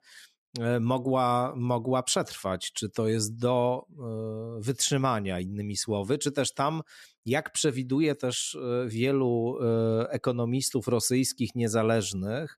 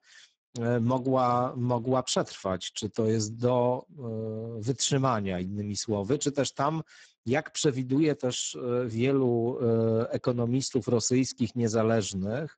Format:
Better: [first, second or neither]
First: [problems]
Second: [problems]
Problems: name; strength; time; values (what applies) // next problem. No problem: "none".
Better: first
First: none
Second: garbled, watery; badly; nothing above 7.5 kHz